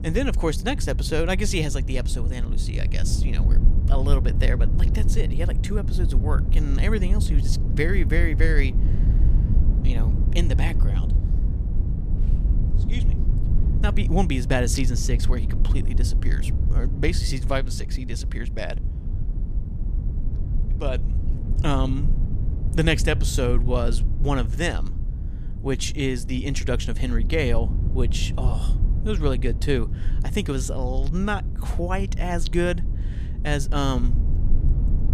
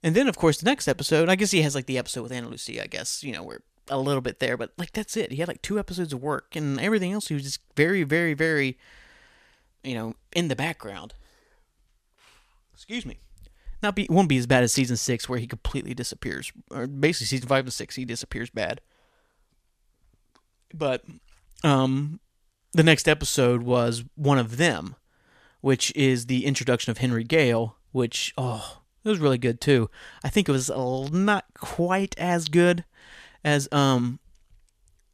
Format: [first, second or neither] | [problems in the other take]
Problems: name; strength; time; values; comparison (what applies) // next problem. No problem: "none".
second | low rumble; noticeable; throughout; 10 dB below the speech